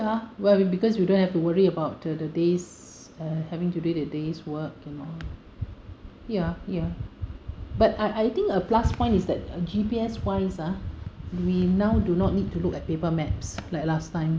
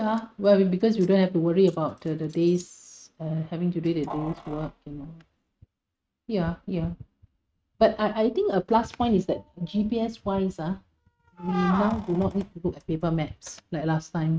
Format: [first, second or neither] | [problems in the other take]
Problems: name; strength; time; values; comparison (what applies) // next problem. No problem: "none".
first | noise reduction (neural mask model RNNoise)